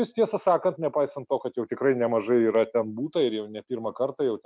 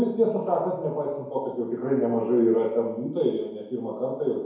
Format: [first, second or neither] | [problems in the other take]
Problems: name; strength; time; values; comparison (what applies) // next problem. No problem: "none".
first | room echo; dies away in 0.9 s